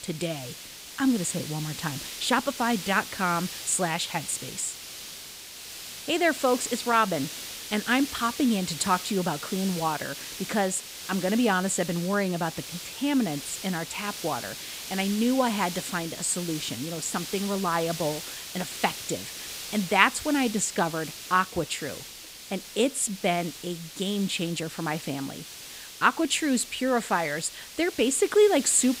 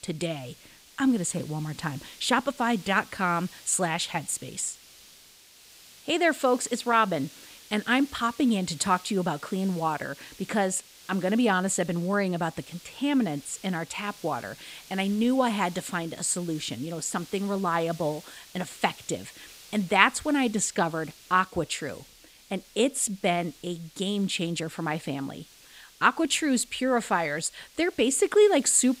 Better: second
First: hiss; loud; throughout; 10 dB below the speech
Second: hiss; faint; throughout; 20 dB below the speech

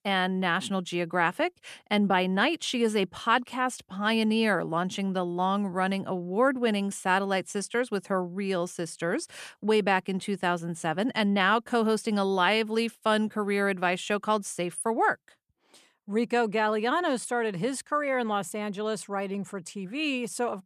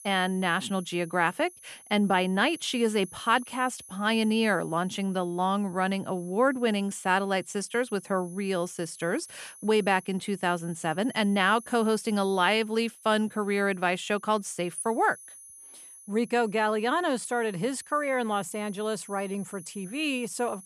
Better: first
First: none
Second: high-pitched whine; noticeable; throughout; 10 kHz, 20 dB below the speech

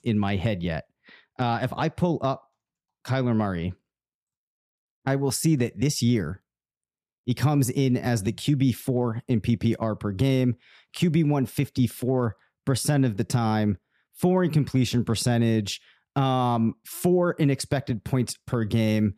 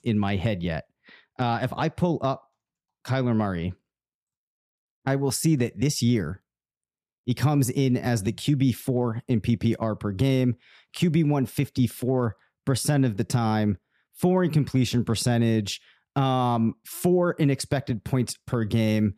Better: neither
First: none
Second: none

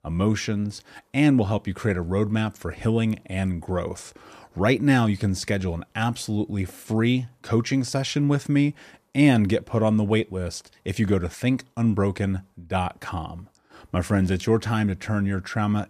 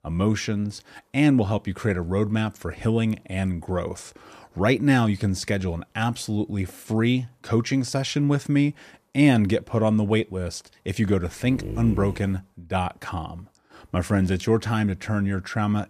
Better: first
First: none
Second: dog barking; noticeable; at 11 s; peak 7 dB below the speech

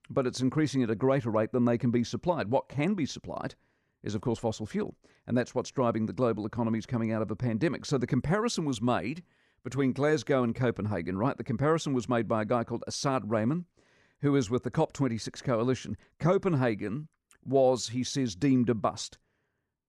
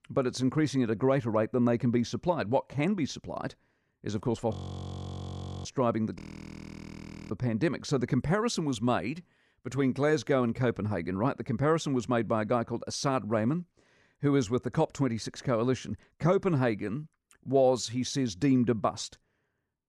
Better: first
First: none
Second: audio freezing; at 4.5 s for 1 s and at 6 s for 1 s

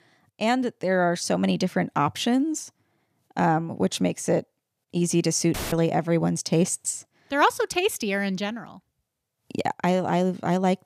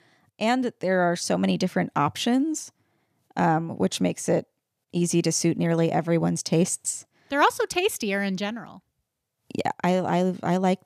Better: second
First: audio cutting out; filled with static; at 5.5 s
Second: none

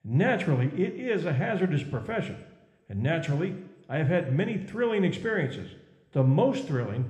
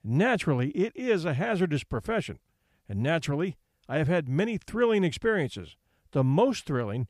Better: second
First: room echo; slight; dies away in 0.8 s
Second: none

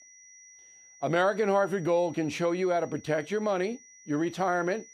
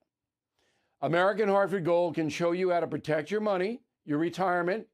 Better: second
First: high-pitched whine; faint; throughout; 6 kHz, 25 dB below the speech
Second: none

